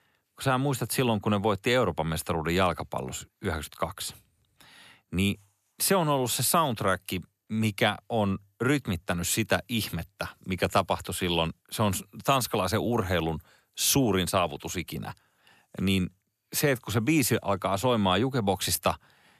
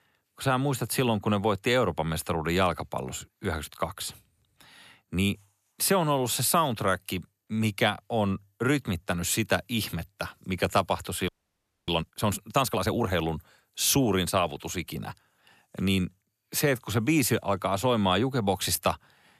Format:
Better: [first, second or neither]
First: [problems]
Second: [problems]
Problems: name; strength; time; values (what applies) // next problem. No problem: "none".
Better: first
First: none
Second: audio freezing; at 11 s for 0.5 s